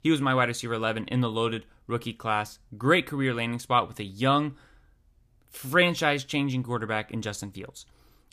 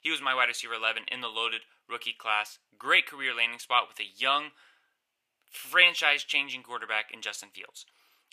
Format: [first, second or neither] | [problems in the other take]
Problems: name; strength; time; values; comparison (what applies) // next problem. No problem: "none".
first | thin; very; fading below 750 Hz